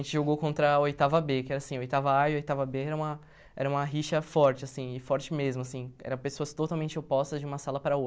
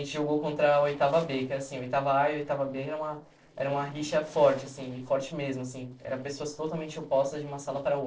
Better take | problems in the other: first | noise reduction (neural separator model SepFormer DNS4)

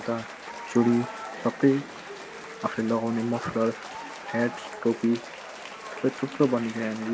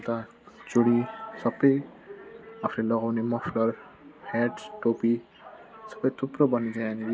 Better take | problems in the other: second | background sound (Applause / Cheering); 13 dB below the speech

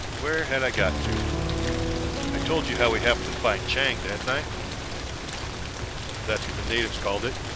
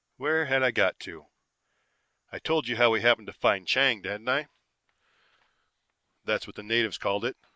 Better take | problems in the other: second | background sound (Rain + Piano); as loud as the speech

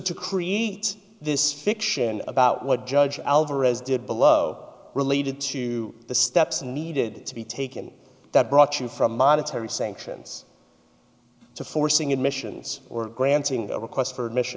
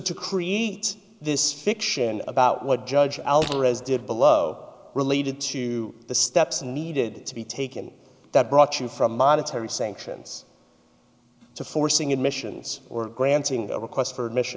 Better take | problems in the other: first | background sound (Fart); 13 dB below the speech

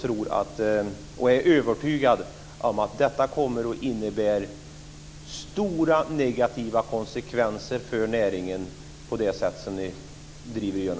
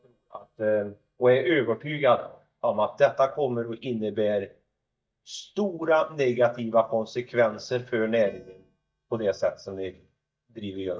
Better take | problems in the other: first | noise reduction (neural mask model DeepFilterNet 3)

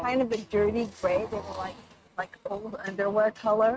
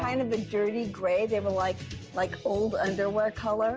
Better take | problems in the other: second | noise reduction (neural mask model RNNoise)

